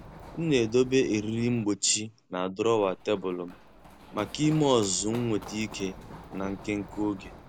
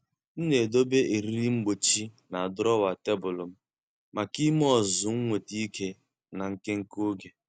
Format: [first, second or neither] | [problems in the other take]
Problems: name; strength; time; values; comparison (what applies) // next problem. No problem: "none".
second | background sound (Run); 18 dB below the speech